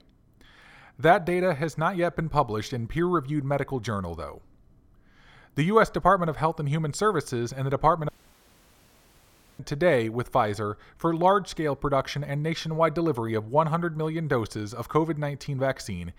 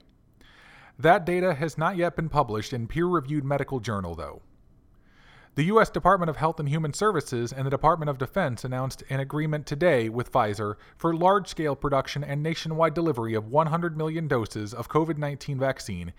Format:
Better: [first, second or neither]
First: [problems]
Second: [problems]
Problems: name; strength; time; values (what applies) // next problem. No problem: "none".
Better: second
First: audio cutting out; at 8 s for 1.5 s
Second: none